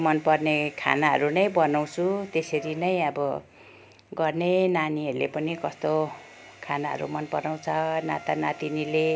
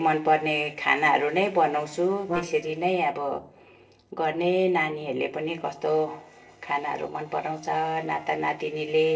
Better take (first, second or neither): first